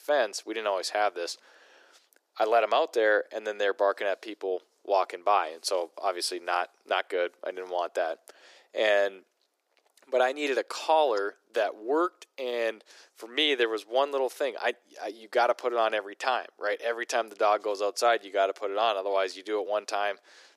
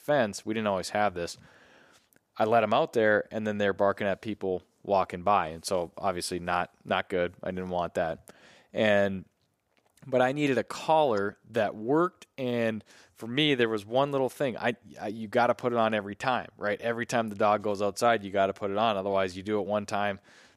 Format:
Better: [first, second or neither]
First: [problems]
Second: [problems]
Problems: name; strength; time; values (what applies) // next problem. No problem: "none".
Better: second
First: thin; very; fading below 350 Hz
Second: none